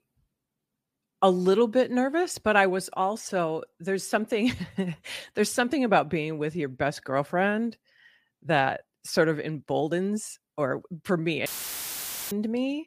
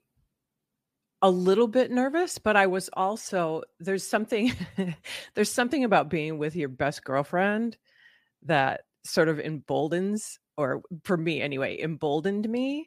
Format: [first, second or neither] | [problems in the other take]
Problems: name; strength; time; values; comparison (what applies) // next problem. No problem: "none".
second | audio cutting out; filled with static; at 11 s for 1 s